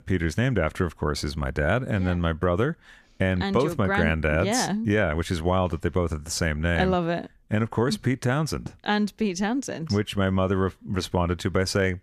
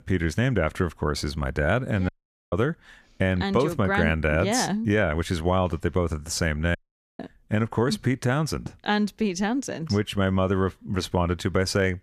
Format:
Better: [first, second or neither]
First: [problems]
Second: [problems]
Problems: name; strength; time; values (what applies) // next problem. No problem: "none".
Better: first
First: none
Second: audio cutting out; at 2 s and at 7 s